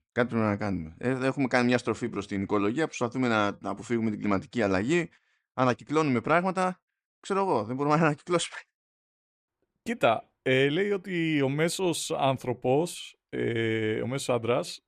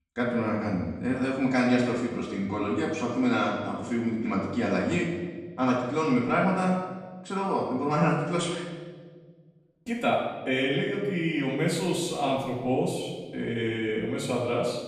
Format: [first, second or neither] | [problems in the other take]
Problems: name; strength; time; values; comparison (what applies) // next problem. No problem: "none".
first | off-mic speech; far // room echo; noticeable; dies away in 1.1 s